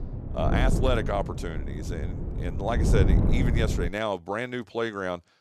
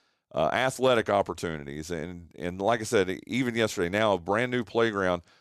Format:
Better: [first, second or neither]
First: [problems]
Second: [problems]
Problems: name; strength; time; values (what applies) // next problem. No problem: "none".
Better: second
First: wind noise on the microphone; heavy; until 4 s; 7 dB below the speech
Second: none